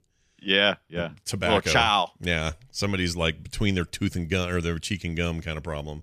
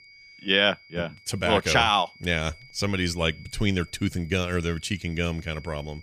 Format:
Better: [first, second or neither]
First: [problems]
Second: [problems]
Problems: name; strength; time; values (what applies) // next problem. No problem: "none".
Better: first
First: none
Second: high-pitched whine; faint; throughout; 2 kHz, 25 dB below the speech